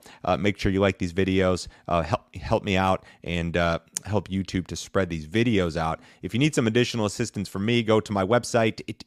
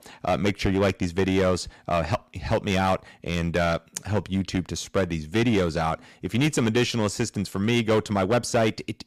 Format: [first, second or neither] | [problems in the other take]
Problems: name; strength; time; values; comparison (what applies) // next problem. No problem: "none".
first | distortion; slight; 7% of the sound clipped